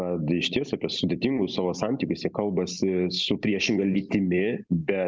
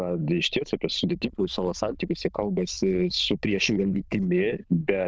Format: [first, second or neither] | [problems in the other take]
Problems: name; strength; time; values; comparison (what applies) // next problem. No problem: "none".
first | noise reduction (neural diffusion model UNIVERSE++)